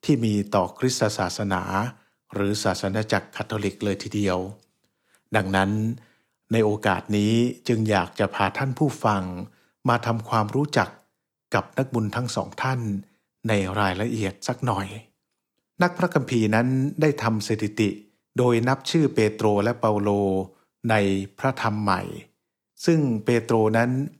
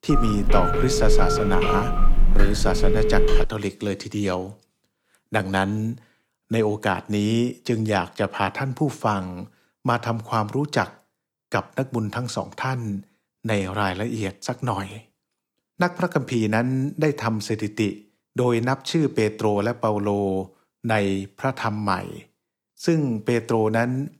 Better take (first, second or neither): first